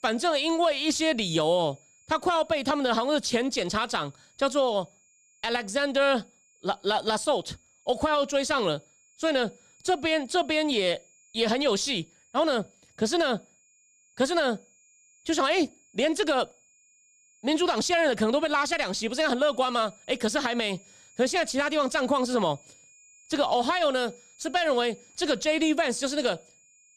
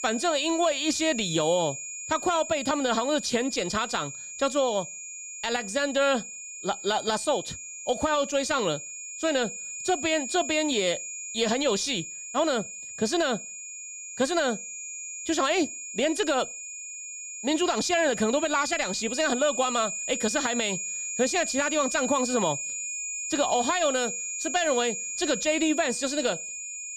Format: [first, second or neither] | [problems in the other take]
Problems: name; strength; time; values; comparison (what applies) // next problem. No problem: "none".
first | high-pitched whine; loud; throughout; 7 kHz, 6 dB below the speech; faint in the first